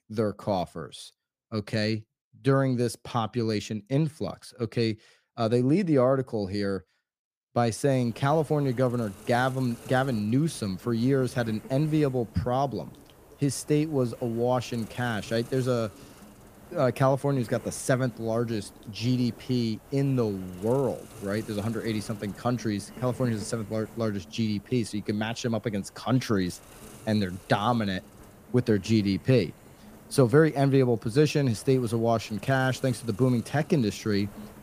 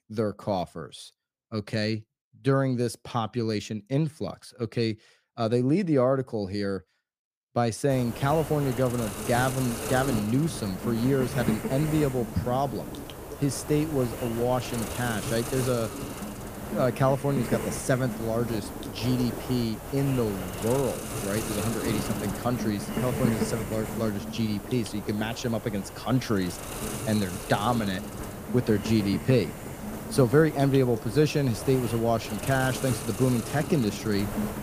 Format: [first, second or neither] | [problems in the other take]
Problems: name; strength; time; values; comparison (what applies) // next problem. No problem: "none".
first | hiss; loud; from 8 s on; 7 dB below the speech; faint in the first